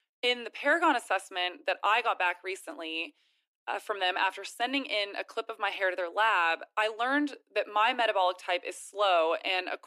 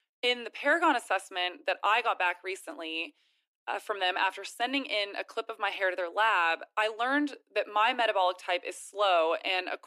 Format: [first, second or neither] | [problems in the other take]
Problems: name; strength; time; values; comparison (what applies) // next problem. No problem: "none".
neither | thin; somewhat; fading below 300 Hz; the same in both